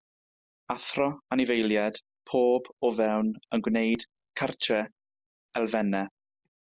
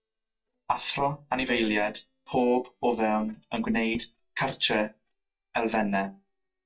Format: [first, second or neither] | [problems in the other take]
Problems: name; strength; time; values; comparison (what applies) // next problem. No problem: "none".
first | noise reduction (neural mask model DeepFilterNet 3)